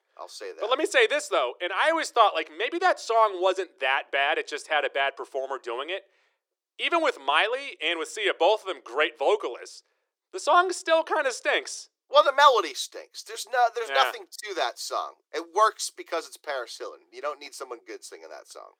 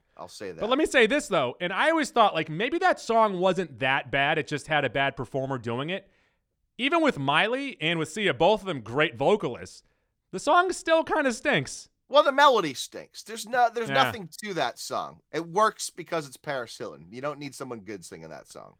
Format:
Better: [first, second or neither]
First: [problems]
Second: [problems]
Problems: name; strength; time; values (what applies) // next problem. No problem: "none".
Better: second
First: thin; very; fading below 350 Hz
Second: none